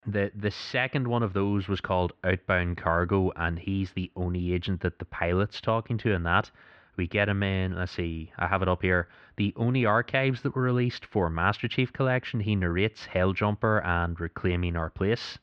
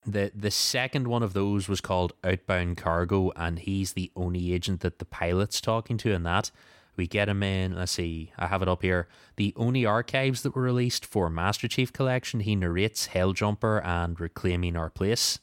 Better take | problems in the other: second | muffled; very; fading above 3.5 kHz

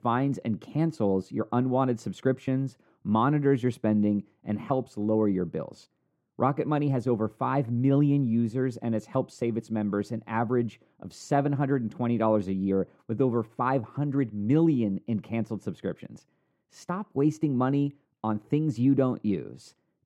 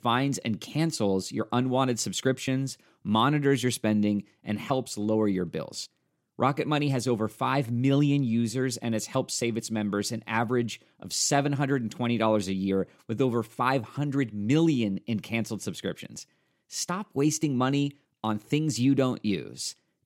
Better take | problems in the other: second | muffled; very; fading above 2 kHz

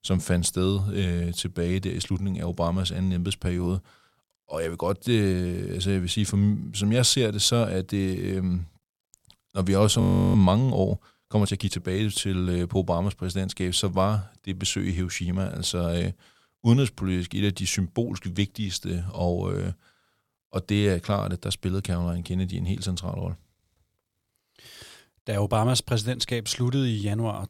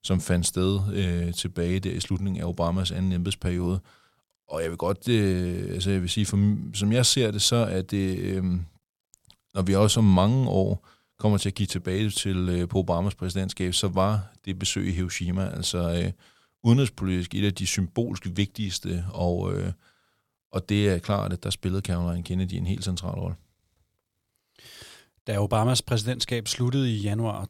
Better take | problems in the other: second | audio freezing; at 10 s

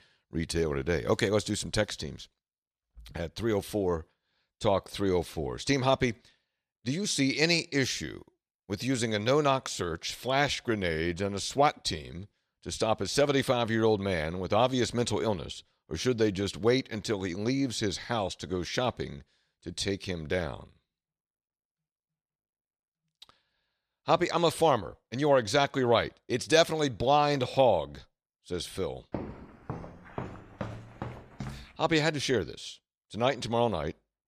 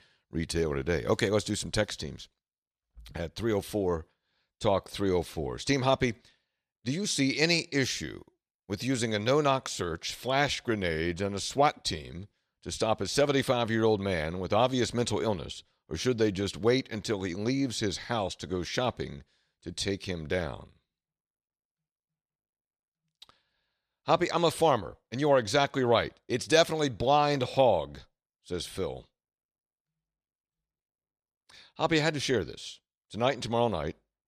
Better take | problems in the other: second | footsteps; faint; from 29 to 32 s; peak 10 dB below the speech

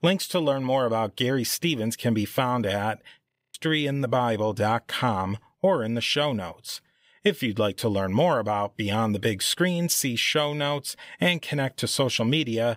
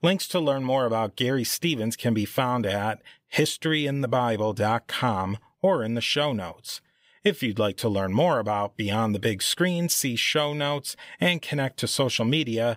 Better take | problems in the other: second | audio freezing; at 3.5 s

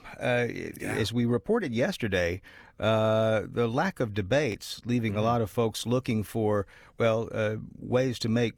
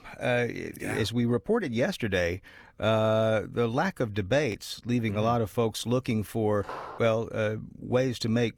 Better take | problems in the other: first | footsteps; faint; at 6.5 s; peak 10 dB below the speech

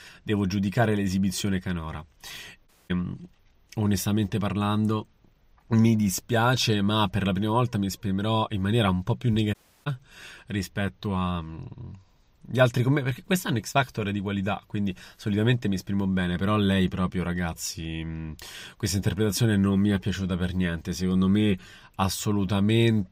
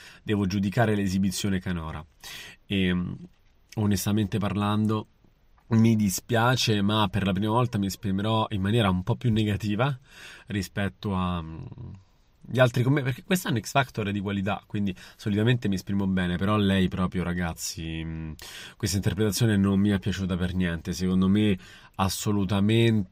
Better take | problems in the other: second | audio cutting out; at 2.5 s and at 9.5 s

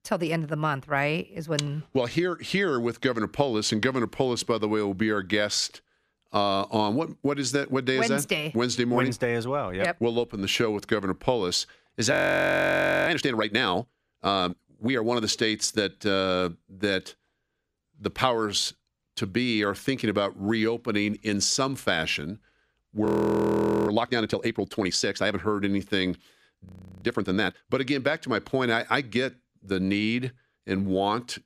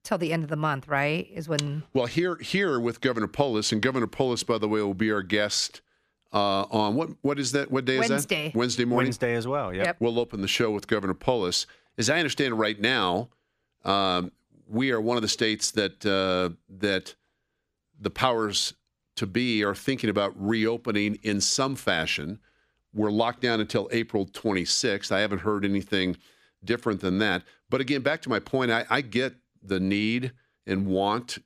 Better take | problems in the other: second | audio freezing; at 12 s for 1 s, at 23 s for 1 s and at 27 s

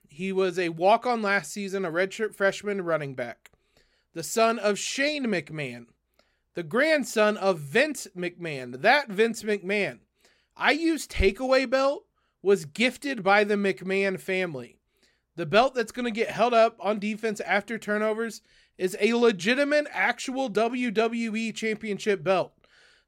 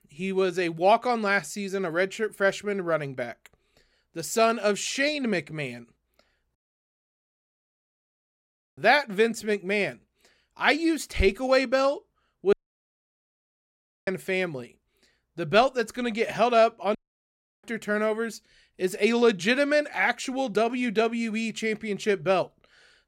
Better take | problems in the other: first | audio cutting out; at 6.5 s for 2 s, at 13 s for 1.5 s and at 17 s for 0.5 s

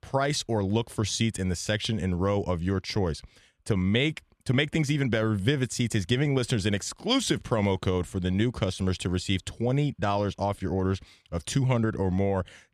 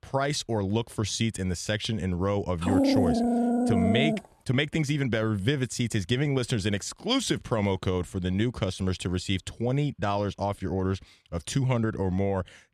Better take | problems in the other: first | dog barking; loud; from 2.5 to 4 s; peak 5 dB above the speech

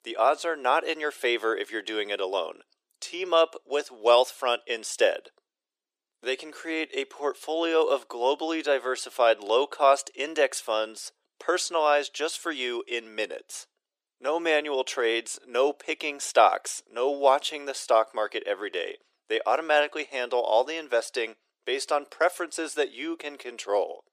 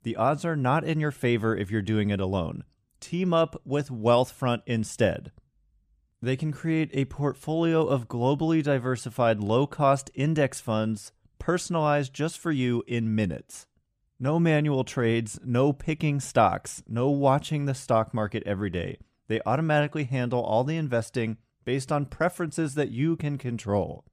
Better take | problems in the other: second | thin; very; fading below 400 Hz

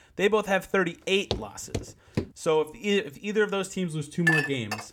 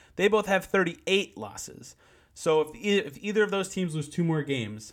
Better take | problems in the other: second | footsteps; noticeable; at 1.5 s; peak 7 dB below the speech // clattering dishes; loud; at 4.5 s; peak 3 dB above the speech

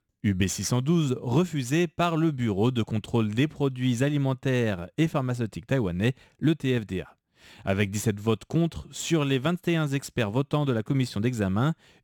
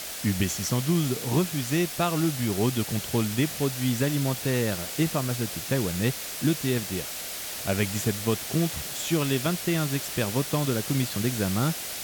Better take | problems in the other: first | hiss; loud; throughout; 5 dB below the speech

